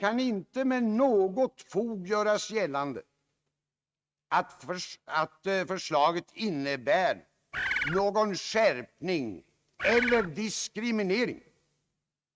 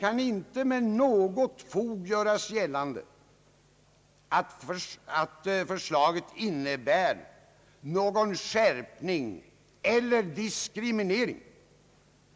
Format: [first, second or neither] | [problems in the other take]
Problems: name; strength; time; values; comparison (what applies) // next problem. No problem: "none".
second | noise reduction (neural mask model RNNoise)